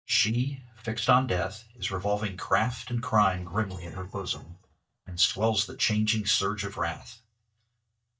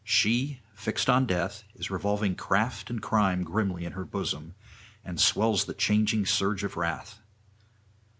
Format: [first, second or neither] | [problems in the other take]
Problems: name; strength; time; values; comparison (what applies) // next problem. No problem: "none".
second | noise reduction (neural mask model DeepFilterNet 3)